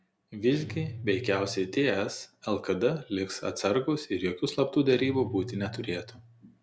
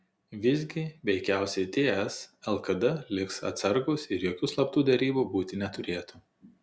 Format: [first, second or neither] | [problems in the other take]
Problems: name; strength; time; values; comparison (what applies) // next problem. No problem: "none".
second | background sound (Guitar); 15 dB below the speech